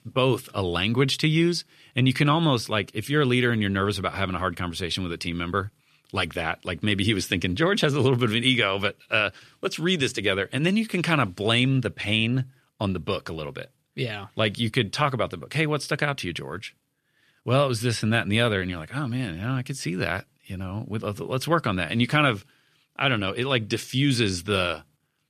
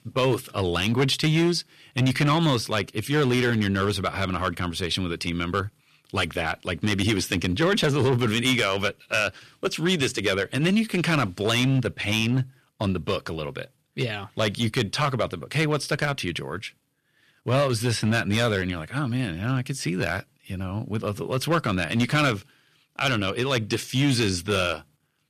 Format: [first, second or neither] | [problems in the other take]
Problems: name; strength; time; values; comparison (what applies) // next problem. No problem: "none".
first | distortion; slight; 5% of the sound clipped